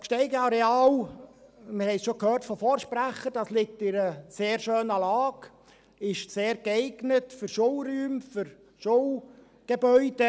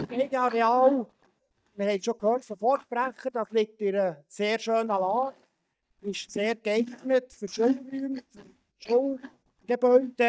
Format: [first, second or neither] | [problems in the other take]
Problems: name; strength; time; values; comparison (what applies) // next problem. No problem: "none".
first | noise reduction (neural mask model DeepFilterNet 3)